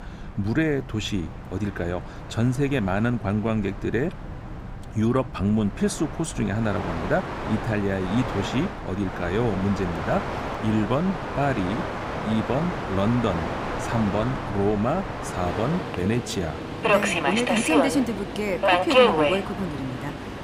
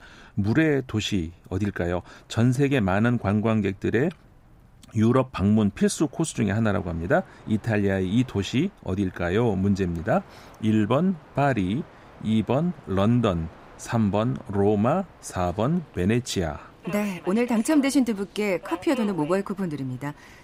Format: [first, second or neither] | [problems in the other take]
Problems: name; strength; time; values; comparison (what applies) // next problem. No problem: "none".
second | train or aircraft noise; loud; throughout; 2 dB below the speech; faint in the second